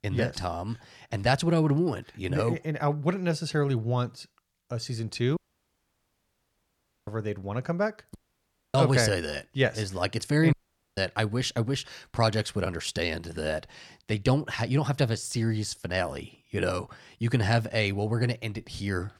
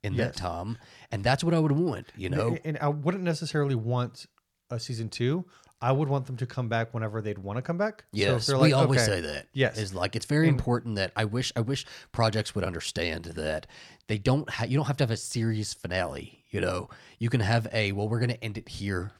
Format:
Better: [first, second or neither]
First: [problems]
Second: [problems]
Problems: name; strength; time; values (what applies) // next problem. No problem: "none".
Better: second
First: audio cutting out; at 5.5 s for 1.5 s, at 8 s for 0.5 s and at 11 s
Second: none